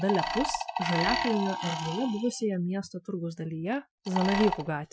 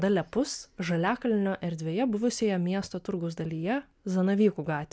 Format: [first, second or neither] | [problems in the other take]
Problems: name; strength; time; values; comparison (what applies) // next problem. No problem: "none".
second | noise reduction (classical method Wiener filter)